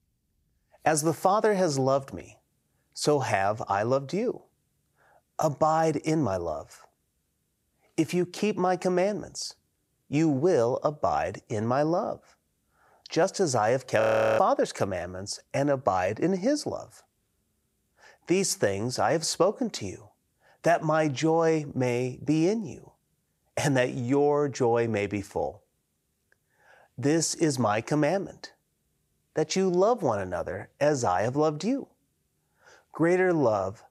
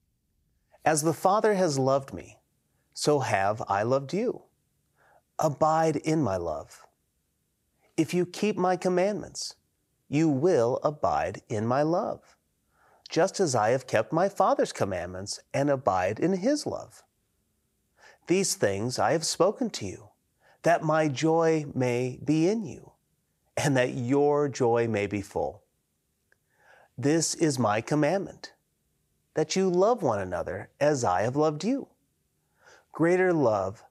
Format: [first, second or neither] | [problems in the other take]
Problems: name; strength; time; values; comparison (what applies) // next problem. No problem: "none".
second | audio freezing; at 14 s